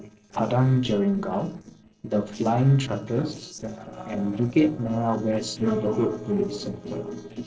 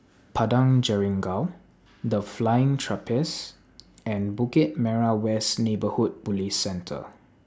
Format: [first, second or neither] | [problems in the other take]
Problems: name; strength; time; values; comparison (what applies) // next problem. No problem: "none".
second | noise reduction (neural separator model SepFormer DNS4)